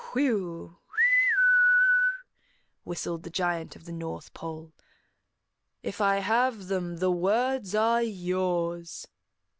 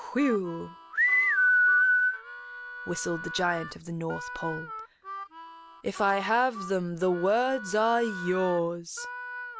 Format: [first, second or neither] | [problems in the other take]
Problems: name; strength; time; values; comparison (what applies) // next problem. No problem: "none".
first | background sound (Harmonica); 13 dB below the speech